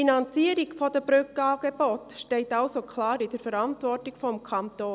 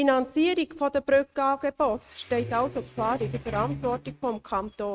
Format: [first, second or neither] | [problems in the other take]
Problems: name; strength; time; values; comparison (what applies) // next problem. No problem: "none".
first | noise reduction (neural mask model RNNoise)